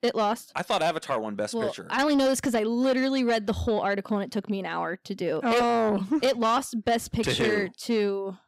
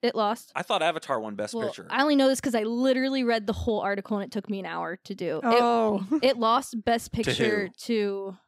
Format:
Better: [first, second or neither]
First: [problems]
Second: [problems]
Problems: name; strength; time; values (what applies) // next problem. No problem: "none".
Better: second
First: distortion; slight; 10 dB below the speech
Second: none